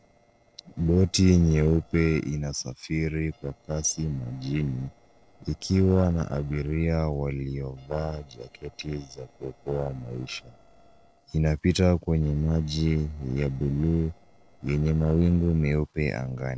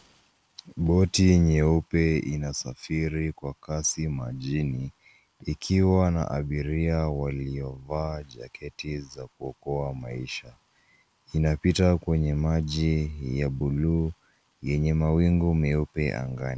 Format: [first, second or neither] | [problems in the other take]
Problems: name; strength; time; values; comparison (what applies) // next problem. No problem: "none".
second | noise reduction (neural separator model SepFormer DNS4)